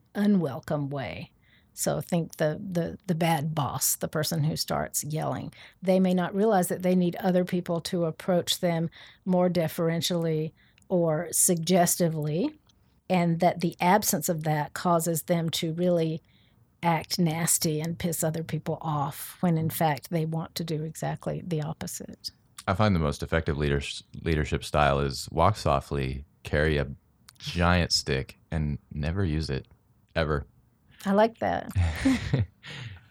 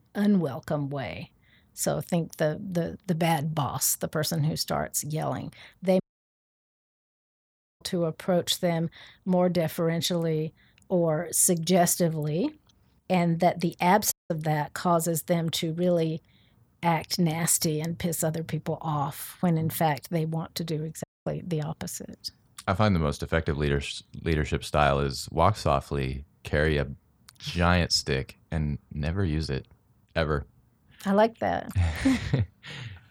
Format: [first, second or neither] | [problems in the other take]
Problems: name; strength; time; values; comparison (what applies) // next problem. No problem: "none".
first | audio cutting out; at 6 s for 2 s, at 14 s and at 21 s